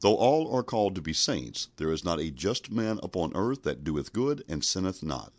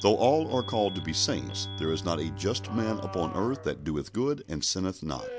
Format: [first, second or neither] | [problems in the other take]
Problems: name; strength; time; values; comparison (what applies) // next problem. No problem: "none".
first | background sound (Alarm + Bowed string instrument); 11 dB below the speech